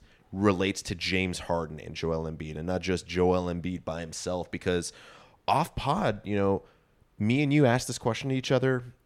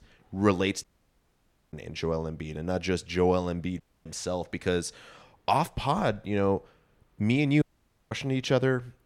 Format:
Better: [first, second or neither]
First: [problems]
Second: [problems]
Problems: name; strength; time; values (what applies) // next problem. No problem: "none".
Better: first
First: none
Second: audio cutting out; at 1 s for 1 s, at 4 s and at 7.5 s